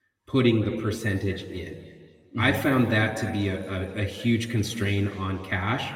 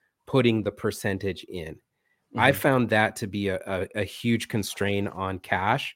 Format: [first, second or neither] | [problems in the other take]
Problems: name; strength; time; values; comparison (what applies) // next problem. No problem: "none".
second | room echo; slight; dies away in 1.7 s // off-mic speech; somewhat distant